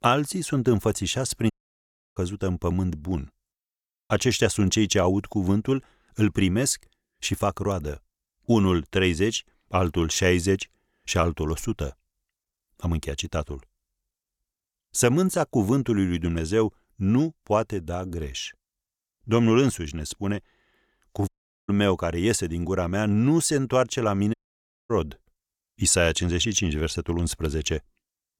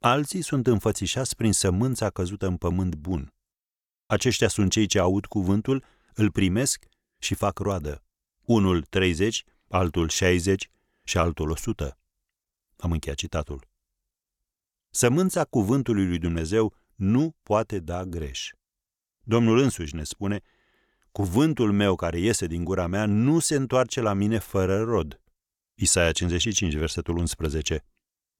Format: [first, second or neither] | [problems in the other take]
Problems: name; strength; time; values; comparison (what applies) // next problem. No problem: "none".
second | audio cutting out; at 1.5 s for 0.5 s, at 21 s and at 24 s for 0.5 s